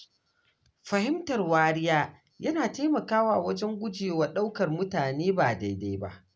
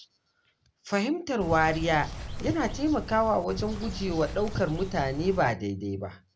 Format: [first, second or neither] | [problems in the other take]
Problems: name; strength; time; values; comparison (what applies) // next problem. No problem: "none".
first | background sound (Bird); 8 dB below the speech